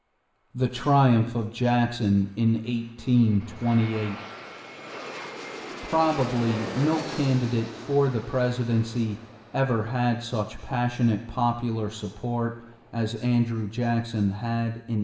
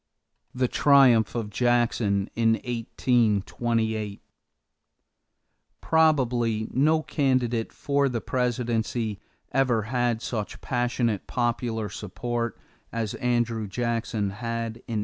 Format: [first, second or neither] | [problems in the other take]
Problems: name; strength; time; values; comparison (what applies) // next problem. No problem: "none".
second | background sound (Aircraft); 16 dB below the speech // room echo; dies away in 0.8 s